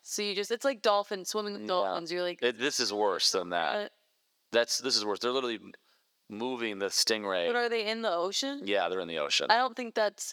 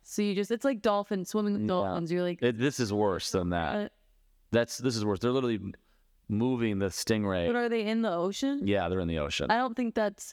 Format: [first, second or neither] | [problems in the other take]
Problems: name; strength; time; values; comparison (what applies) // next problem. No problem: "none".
second | thin; somewhat; fading below 500 Hz